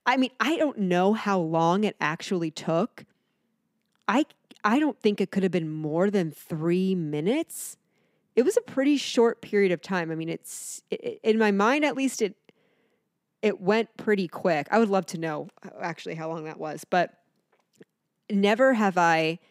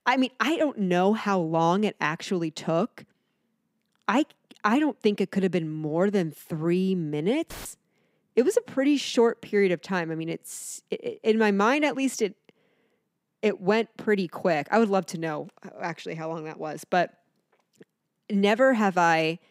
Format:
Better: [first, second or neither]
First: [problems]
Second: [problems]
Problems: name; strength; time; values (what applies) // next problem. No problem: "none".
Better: first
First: none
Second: audio cutting out; filled with static; at 7.5 s